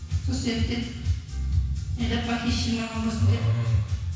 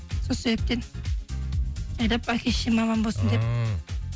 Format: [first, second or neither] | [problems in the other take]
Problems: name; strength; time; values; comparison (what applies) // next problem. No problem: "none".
second | room echo; dies away in 1.1 s